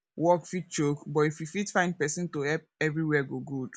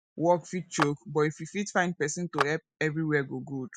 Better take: first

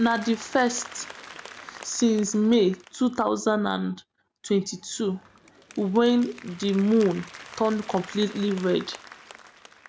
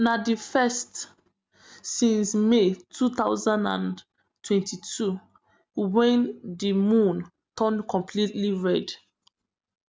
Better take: second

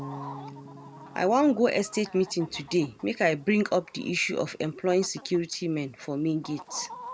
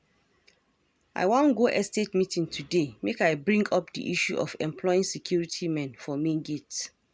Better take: second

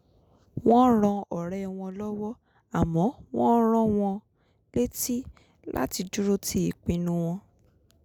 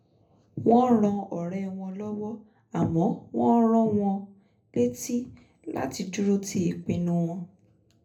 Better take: first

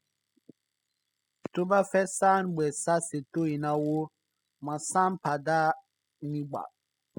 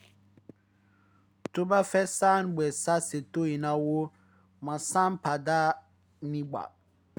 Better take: second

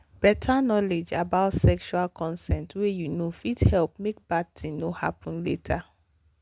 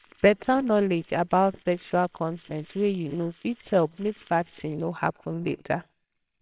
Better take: first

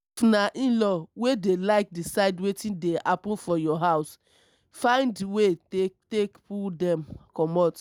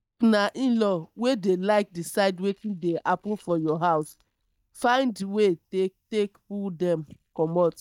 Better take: first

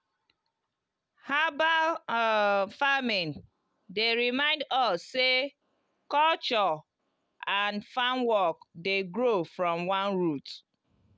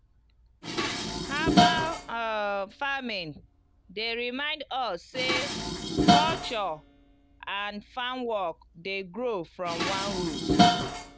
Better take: first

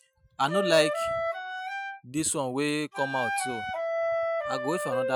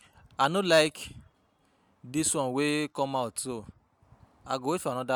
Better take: second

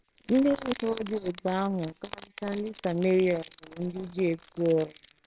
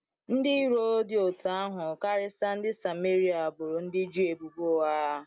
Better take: second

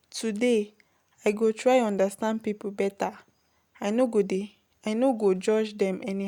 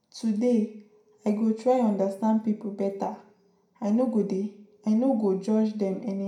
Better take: first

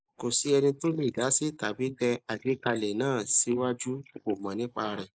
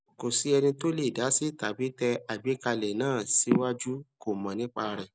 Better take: second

